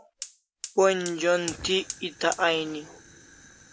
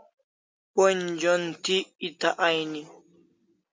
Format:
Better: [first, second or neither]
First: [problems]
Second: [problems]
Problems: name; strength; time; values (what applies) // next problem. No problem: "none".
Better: second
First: background sound (Fire); 15 dB below the speech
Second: none